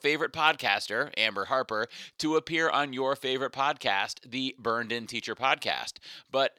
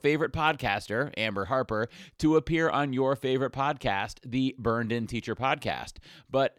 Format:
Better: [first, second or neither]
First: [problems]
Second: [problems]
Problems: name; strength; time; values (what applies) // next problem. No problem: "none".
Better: second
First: thin; somewhat; fading below 800 Hz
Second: none